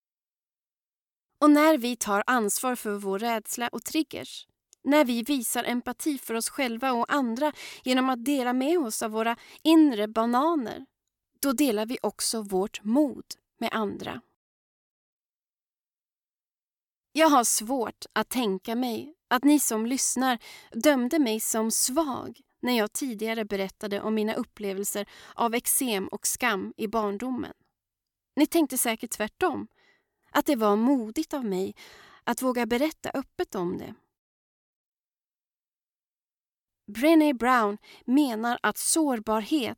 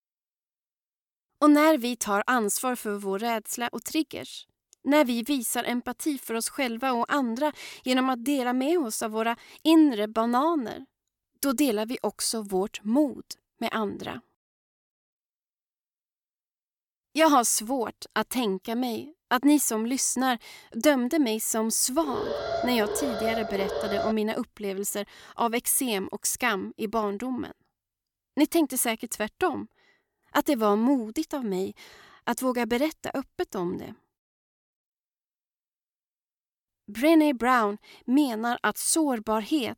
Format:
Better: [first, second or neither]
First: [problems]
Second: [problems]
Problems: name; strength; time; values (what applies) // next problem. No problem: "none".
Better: first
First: none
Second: alarm; noticeable; from 22 to 24 s; peak 4 dB below the speech